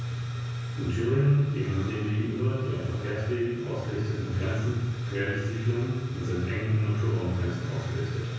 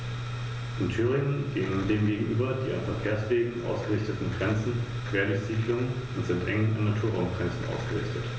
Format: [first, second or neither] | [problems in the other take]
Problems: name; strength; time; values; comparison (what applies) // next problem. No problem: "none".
second | room echo; dies away in 1.1 s